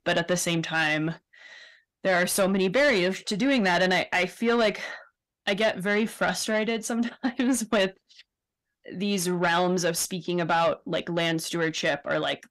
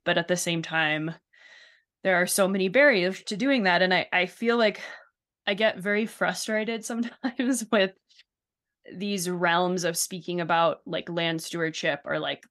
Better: second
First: distortion; slight; 10 dB below the speech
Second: none

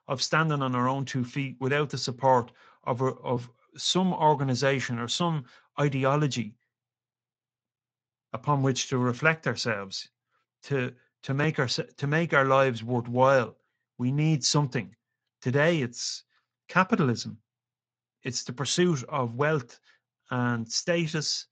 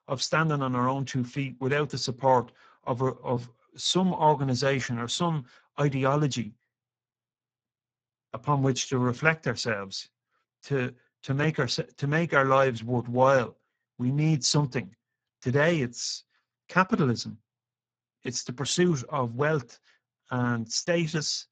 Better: first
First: garbled, watery; slightly; nothing above 7.5 kHz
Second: garbled, watery; badly; nothing above 7.5 kHz

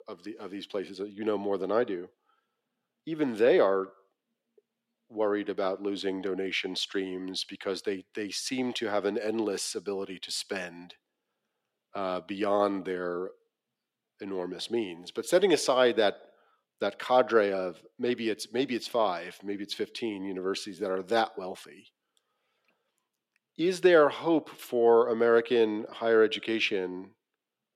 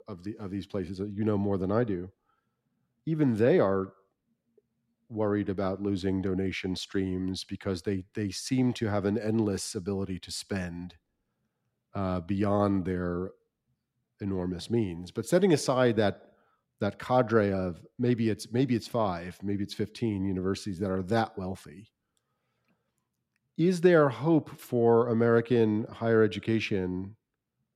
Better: second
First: thin; somewhat; fading below 400 Hz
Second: none

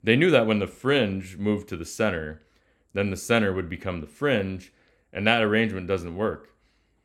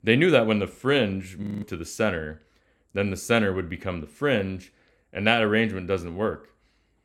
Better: first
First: none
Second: audio freezing; at 1.5 s

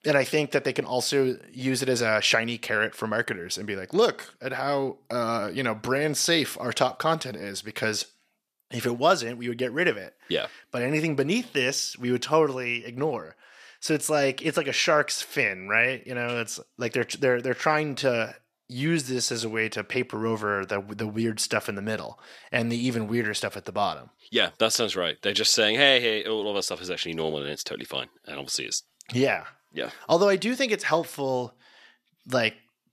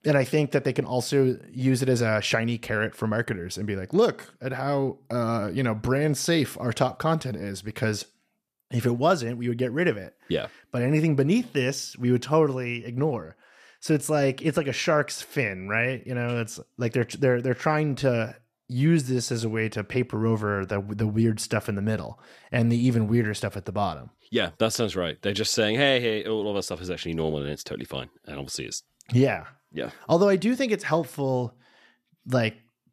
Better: second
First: thin; very slightly; fading below 900 Hz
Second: none

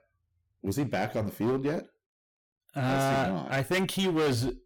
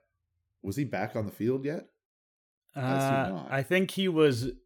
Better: second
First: distortion; heavy; 15% of the sound clipped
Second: none

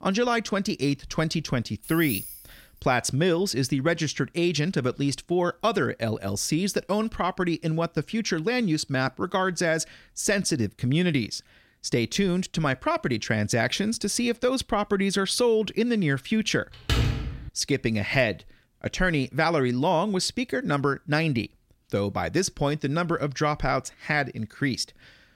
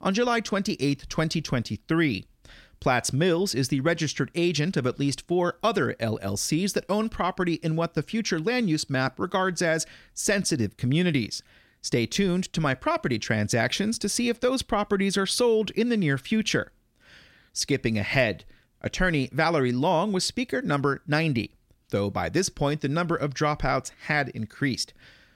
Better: second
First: jangling keys; noticeable; at 2 s; peak 6 dB below the speech // door banging; loud; at 17 s; peak level with the speech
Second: none

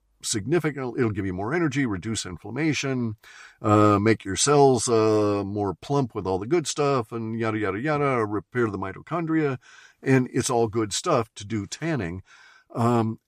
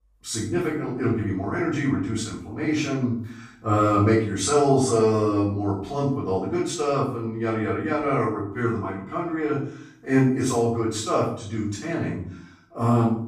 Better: first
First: none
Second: off-mic speech; far // room echo; noticeable; dies away in 0.5 s

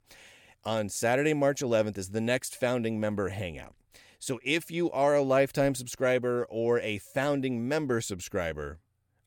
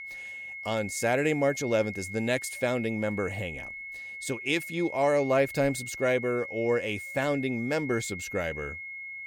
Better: first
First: none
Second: high-pitched whine; loud; throughout; 2 kHz, 9 dB below the speech

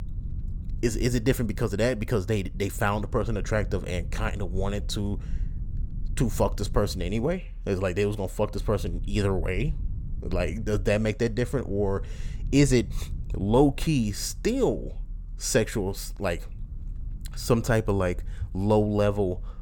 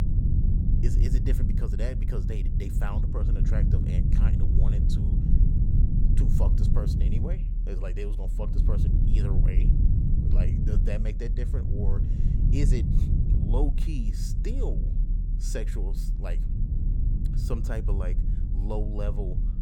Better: first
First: low rumble; faint; throughout; 25 dB below the speech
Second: low rumble; loud; throughout; 1 dB below the speech

